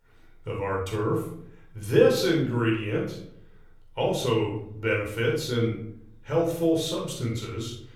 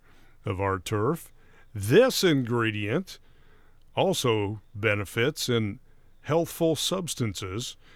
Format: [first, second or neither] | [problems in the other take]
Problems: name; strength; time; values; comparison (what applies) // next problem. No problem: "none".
second | off-mic speech; far // room echo; noticeable; dies away in 0.6 s